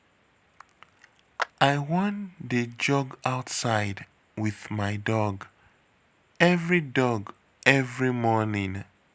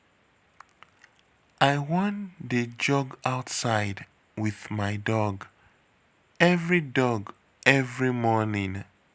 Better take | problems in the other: second | background sound (Clapping); 12 dB below the speech

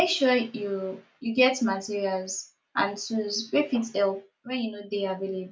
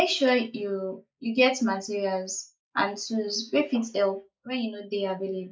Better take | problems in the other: first | noise reduction (neural mask model Resemble Enhance denoiser)

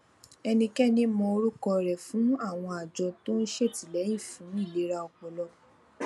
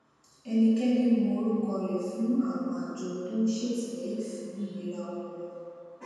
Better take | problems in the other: first | room echo; dies away in 2 s

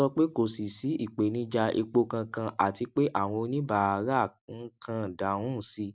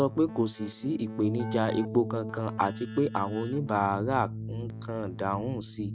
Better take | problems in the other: first | noise reduction (neural mask model RNNoise)

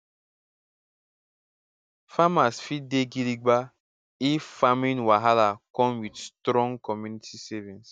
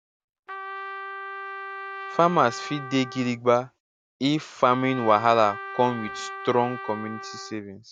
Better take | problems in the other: first | background sound (Trumpet); 11 dB below the speech

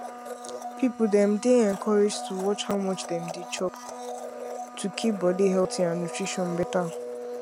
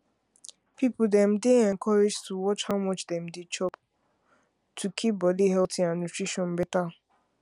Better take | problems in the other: second | background sound (Domestic sounds, home sounds); 10 dB below the speech

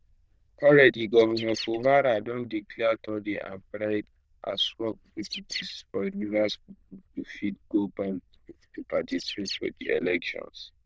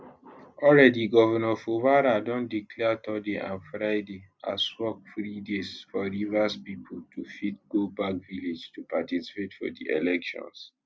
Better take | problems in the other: second | noise reduction (neural diffusion model UNIVERSE++)

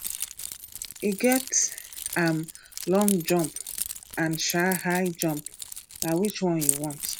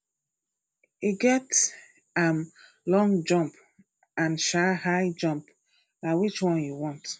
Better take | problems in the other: second | background sound (Keys jangling); 7 dB below the speech

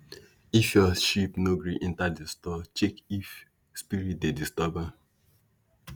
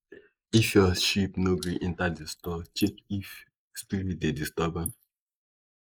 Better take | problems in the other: first | noise reduction (neural mask model Resemble Enhance denoiser)

